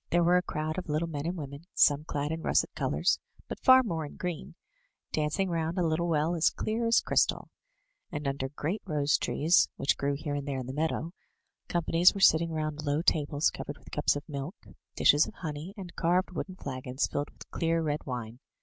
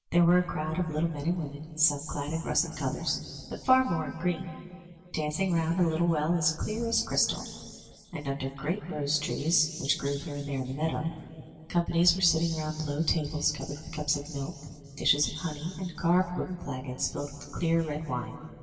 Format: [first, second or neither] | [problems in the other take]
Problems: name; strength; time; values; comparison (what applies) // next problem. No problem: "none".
first | room echo; dies away in 2.4 s